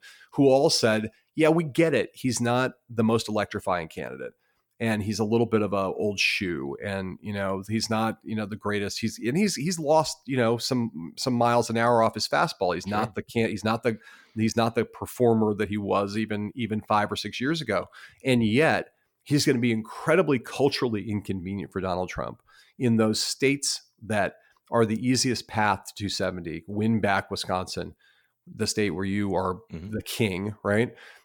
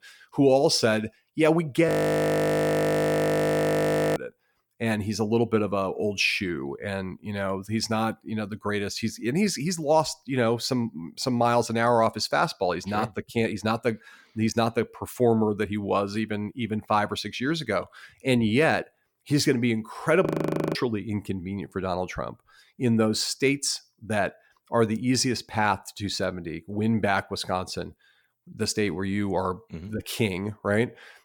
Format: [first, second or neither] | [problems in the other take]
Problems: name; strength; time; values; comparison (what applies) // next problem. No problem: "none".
first | audio freezing; at 2 s for 2.5 s and at 20 s for 0.5 s